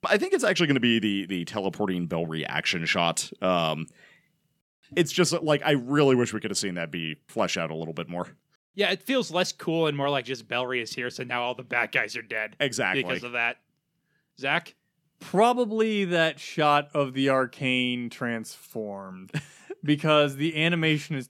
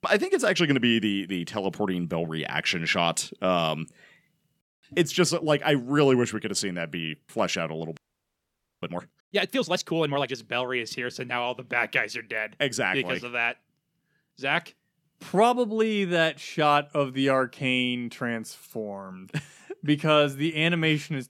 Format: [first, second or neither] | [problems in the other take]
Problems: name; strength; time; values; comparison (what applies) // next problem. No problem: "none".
first | audio freezing; at 8 s for 1 s